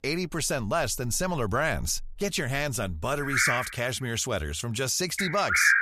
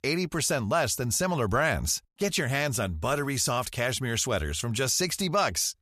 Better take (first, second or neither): second